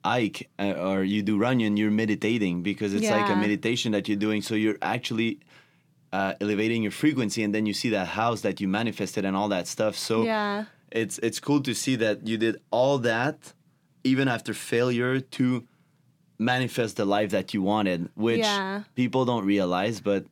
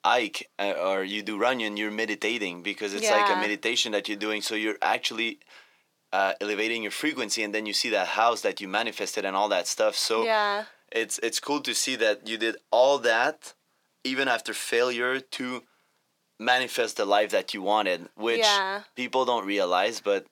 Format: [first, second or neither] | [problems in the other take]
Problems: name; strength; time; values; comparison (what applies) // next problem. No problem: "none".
first | thin; somewhat; fading below 600 Hz